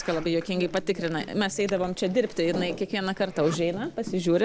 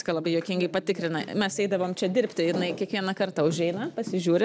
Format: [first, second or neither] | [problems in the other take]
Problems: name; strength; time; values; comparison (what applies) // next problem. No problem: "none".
second | background sound (Zipper (clothing)); 18 dB below the speech